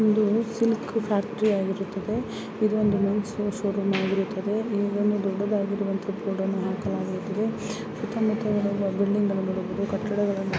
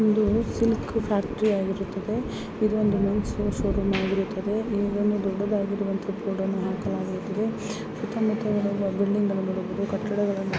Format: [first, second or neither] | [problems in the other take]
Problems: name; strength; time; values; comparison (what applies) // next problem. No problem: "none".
first | background sound (Thunder); 12 dB below the speech